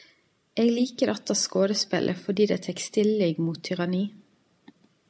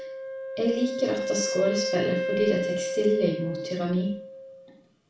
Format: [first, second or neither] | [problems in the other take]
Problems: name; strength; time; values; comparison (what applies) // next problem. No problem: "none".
first | background sound (Wind instrument, woodwind instrument); 4 dB below the speech // room echo; dies away in 0.4 s